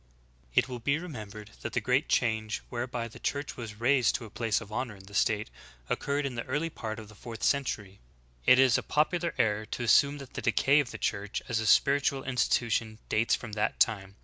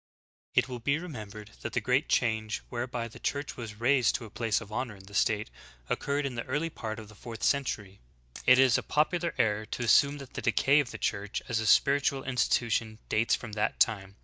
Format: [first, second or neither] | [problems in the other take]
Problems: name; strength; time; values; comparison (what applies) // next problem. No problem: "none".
first | noise reduction (neural mask model DeepFilterNet 3)